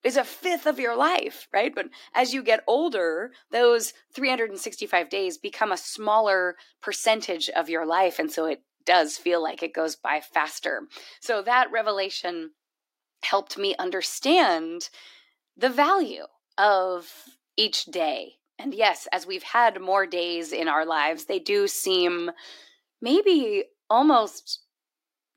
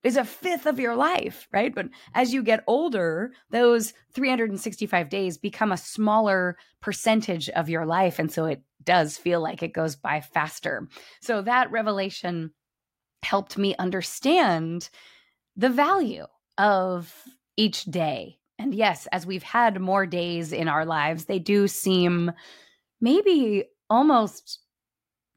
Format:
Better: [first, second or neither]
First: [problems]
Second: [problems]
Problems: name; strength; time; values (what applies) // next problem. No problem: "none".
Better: second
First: thin; somewhat; fading below 300 Hz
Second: none